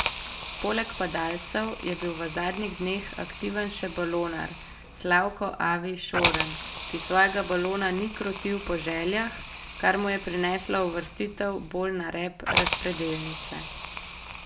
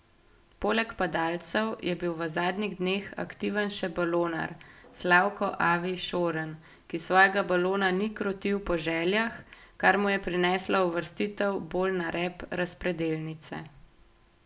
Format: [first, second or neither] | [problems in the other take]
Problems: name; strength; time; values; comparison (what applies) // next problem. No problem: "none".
second | background sound (Hiss); 6 dB below the speech